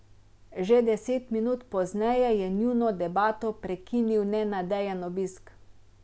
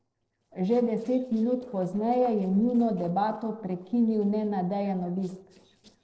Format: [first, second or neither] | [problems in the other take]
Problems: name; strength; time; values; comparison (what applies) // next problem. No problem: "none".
first | noise reduction (neural separator model SepFormer DNS4)